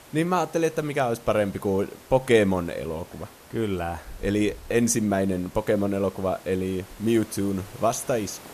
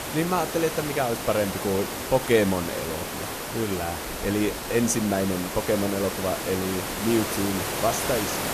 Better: first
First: hiss; faint; throughout; 20 dB below the speech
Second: hiss; loud; throughout; 4 dB below the speech

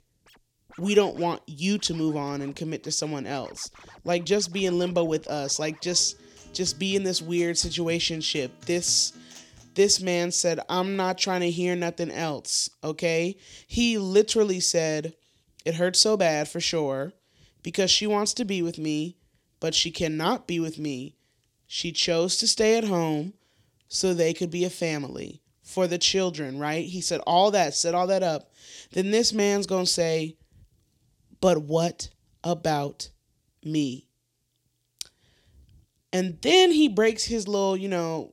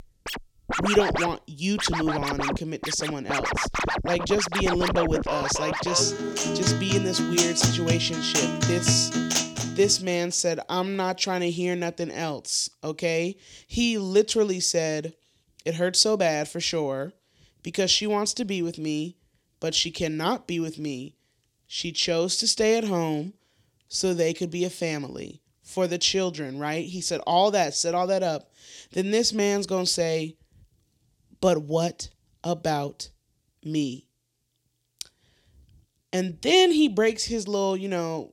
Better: first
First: background music; faint; until 10 s; 25 dB below the speech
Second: background music; loud; until 10 s; 2 dB below the speech

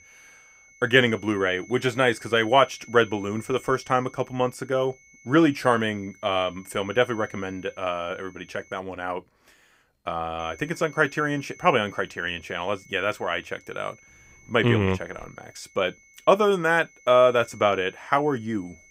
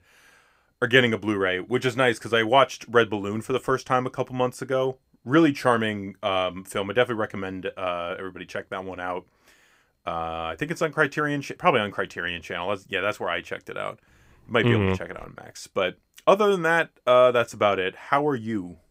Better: second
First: high-pitched whine; faint; until 9 s and from 10 s on; 2 kHz, 25 dB below the speech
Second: none

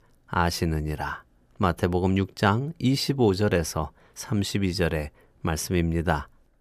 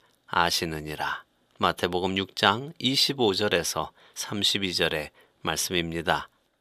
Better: first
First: none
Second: thin; somewhat; fading below 1 kHz

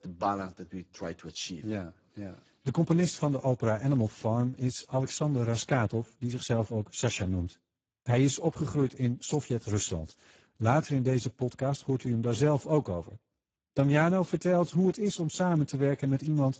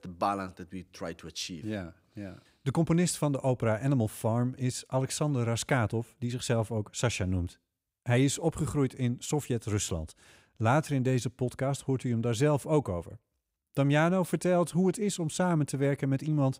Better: second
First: garbled, watery; badly; nothing above 7.5 kHz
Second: none

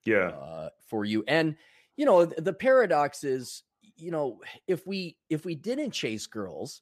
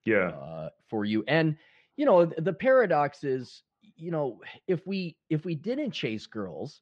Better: first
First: none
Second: muffled; very slightly; fading above 4 kHz

